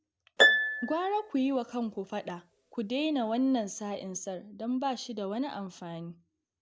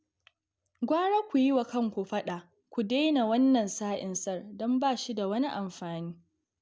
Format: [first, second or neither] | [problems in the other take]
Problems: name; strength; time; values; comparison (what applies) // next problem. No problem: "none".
second | background sound (Harp); 1 dB above the speech